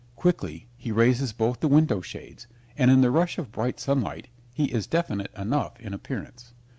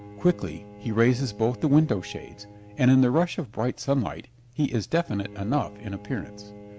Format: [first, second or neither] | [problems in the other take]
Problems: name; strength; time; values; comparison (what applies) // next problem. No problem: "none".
first | background sound (Bowed string instrument); 19 dB below the speech